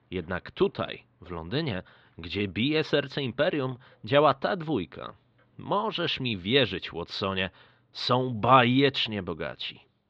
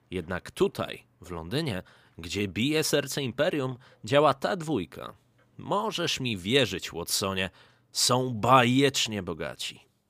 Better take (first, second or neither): second